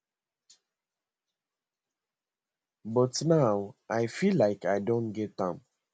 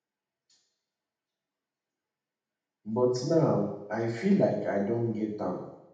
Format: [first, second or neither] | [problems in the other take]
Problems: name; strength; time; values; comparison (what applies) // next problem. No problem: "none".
first | room echo; dies away in 0.8 s